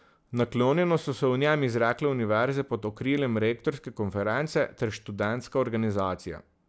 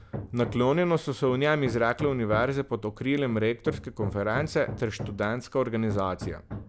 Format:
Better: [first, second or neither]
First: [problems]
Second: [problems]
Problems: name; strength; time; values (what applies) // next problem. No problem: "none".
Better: first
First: none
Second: background sound (Hammer); 12 dB below the speech